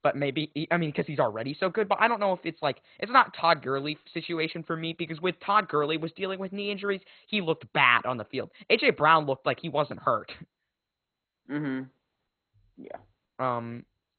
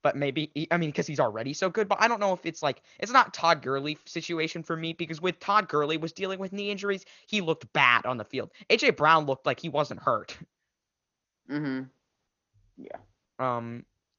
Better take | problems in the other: second | garbled, watery; badly; nothing above 4 kHz; slightly in the second

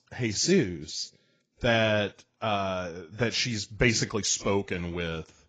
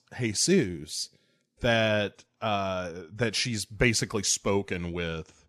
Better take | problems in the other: second | garbled, watery; badly; nothing above 7.5 kHz

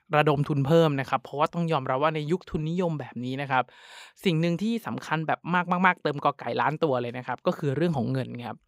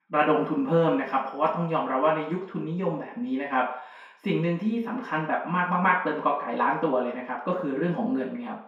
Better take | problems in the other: first | room echo; noticeable; dies away in 0.6 s // off-mic speech; far

